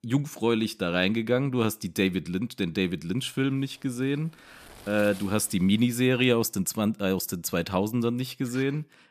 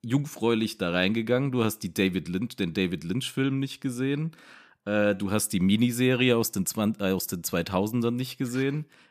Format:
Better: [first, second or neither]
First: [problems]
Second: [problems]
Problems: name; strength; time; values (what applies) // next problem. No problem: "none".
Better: second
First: wind noise on the microphone; occasional gusts; from 3 to 6.5 s; 20 dB below the speech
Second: none